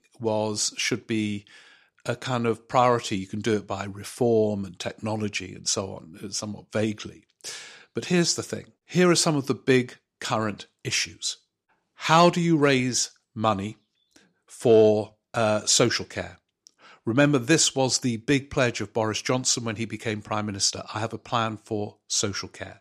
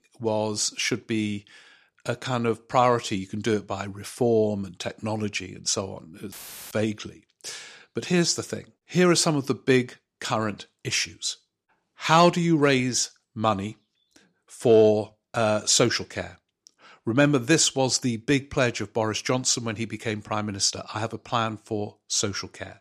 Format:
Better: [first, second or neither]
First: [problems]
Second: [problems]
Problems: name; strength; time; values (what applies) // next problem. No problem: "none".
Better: first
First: none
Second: audio cutting out; filled with static; at 6.5 s